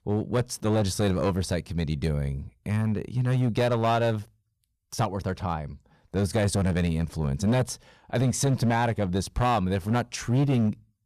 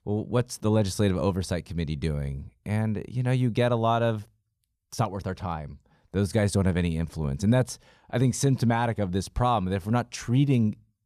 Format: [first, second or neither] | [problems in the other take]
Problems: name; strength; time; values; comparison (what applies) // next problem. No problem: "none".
second | distortion; slight; 8% of the sound clipped